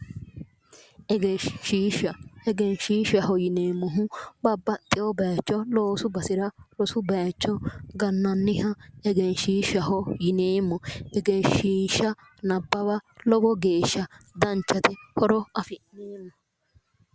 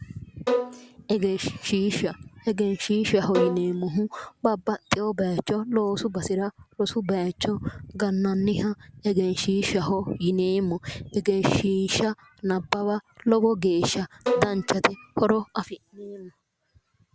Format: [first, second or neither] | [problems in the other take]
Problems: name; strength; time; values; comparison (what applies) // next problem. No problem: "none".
first | background sound (Bowed string instrument); 6 dB below the speech